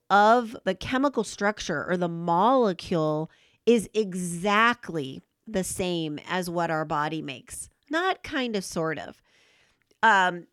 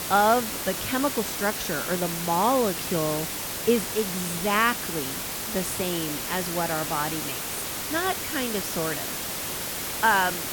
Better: first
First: none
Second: hiss; loud; throughout; 2 dB below the speech

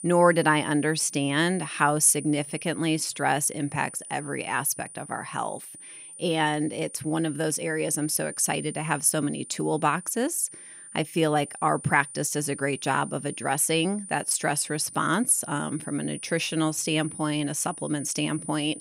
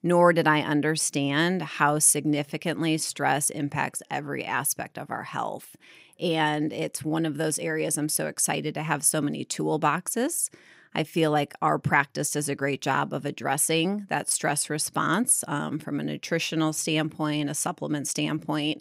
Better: second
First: high-pitched whine; noticeable; throughout; 9.5 kHz, 15 dB below the speech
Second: none

